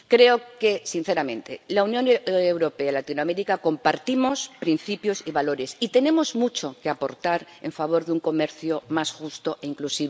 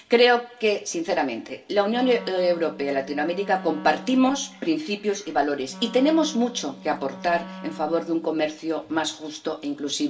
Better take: first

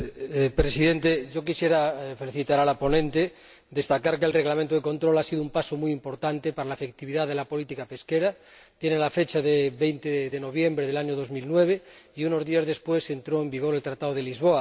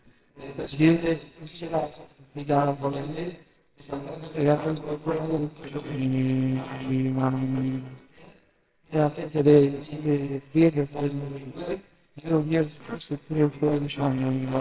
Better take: first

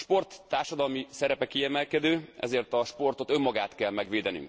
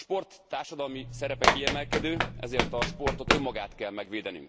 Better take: first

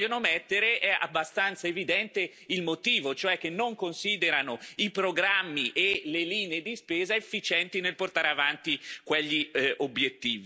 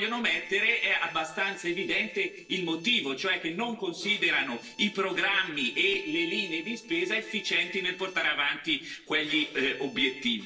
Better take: first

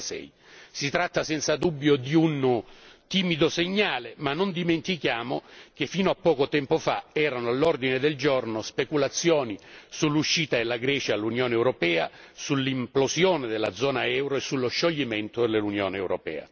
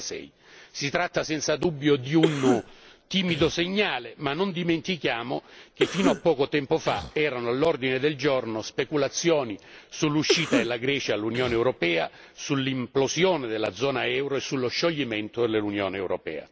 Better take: first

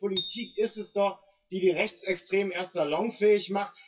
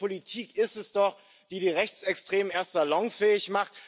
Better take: second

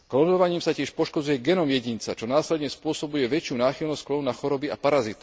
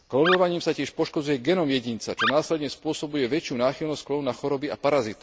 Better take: first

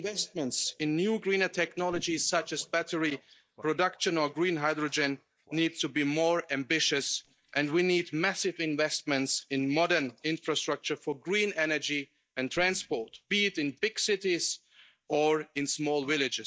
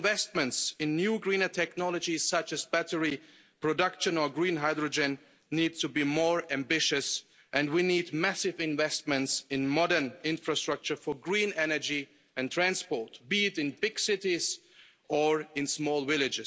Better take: second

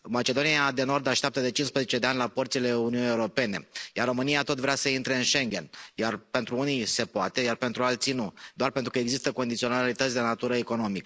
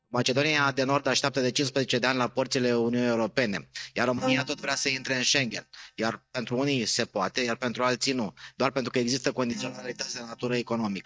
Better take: first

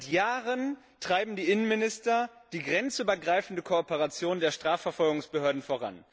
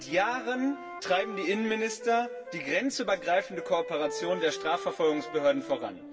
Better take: first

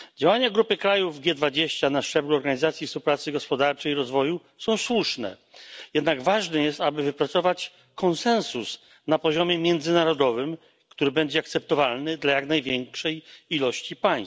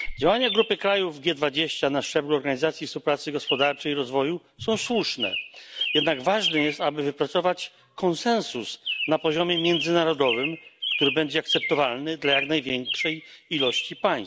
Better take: first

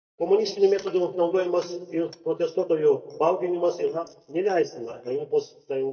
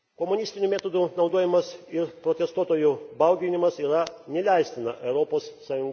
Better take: second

